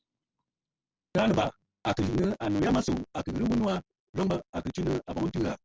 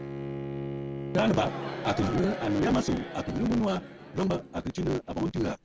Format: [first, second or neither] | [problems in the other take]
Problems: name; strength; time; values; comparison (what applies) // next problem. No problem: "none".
first | background sound (Bowed string instrument + Crowd); 8 dB below the speech